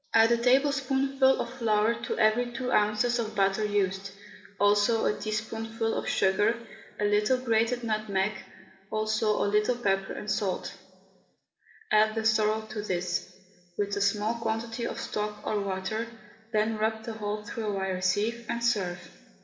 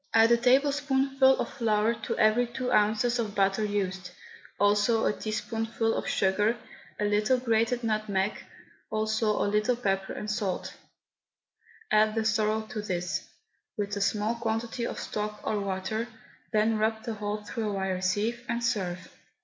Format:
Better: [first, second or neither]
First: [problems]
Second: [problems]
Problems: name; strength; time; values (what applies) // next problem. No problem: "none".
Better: second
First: room echo; dies away in 2.7 s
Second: none